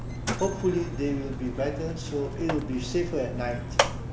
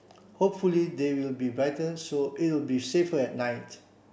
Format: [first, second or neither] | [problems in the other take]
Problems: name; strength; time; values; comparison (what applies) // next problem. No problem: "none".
second | background sound (Mechanisms); 1 dB below the speech // room echo; dies away in 0.6 s